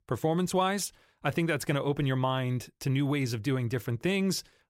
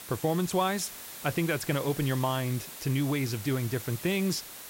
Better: first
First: none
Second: hiss; noticeable; throughout; 10 dB below the speech

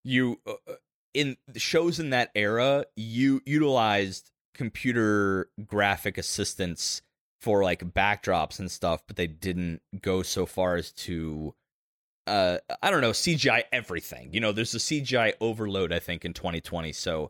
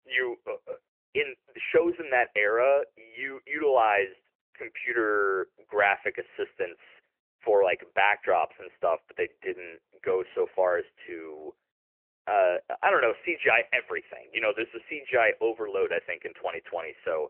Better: first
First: none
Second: phone-call audio; nothing above 3 kHz

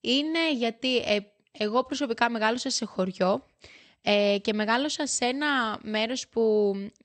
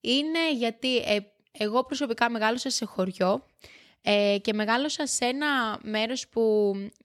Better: second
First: garbled, watery; slightly; nothing above 8.5 kHz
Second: none

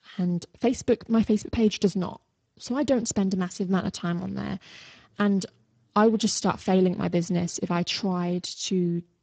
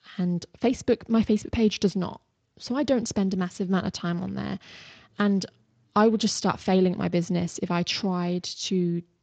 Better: second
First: garbled, watery; badly; nothing above 7.5 kHz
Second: garbled, watery; slightly; nothing above 7.5 kHz

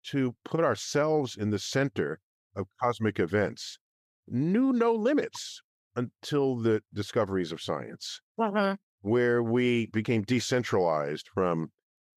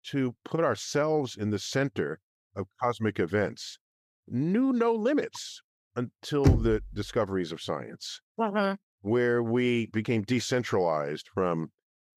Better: first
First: none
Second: door banging; loud; at 6.5 s; peak 3 dB above the speech

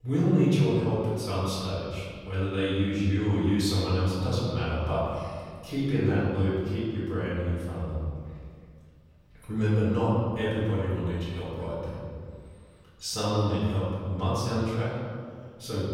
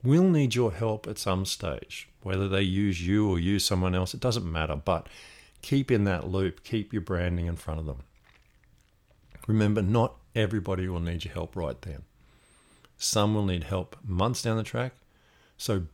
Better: second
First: room echo; strong; dies away in 1.9 s // off-mic speech; far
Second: none

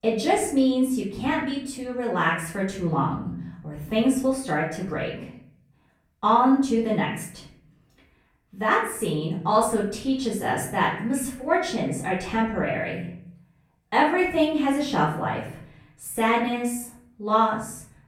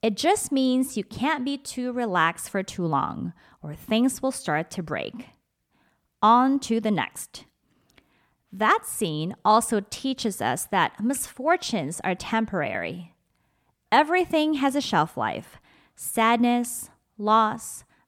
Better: second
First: room echo; noticeable; dies away in 0.8 s // off-mic speech; far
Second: none

